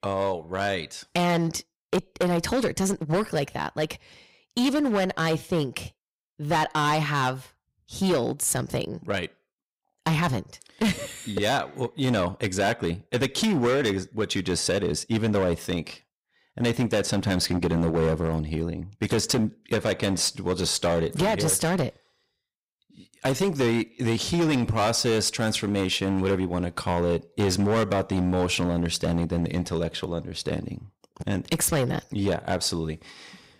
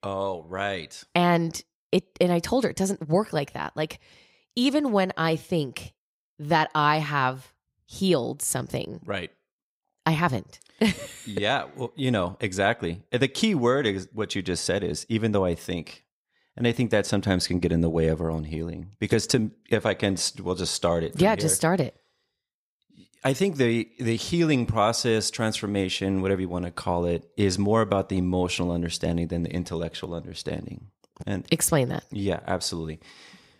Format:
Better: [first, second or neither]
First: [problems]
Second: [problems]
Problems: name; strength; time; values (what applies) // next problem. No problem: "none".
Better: second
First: distortion; heavy; 11% of the sound clipped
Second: none